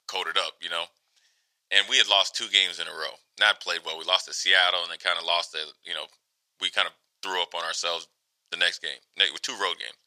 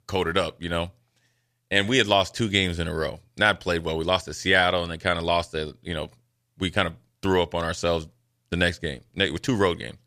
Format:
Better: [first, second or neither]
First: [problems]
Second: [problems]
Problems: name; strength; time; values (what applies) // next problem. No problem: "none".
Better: second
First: thin; very; fading below 850 Hz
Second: none